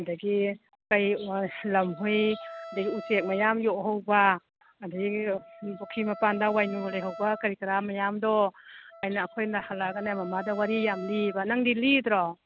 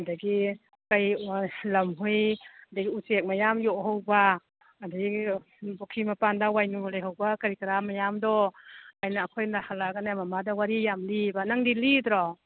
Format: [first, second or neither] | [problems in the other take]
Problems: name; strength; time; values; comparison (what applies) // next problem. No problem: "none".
second | background sound (Wind instrument, woodwind instrument); 17 dB below the speech